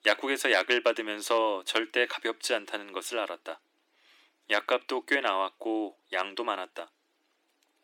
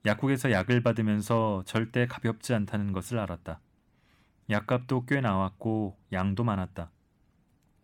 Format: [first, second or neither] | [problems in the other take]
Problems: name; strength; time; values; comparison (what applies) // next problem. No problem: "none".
second | thin; very; fading below 300 Hz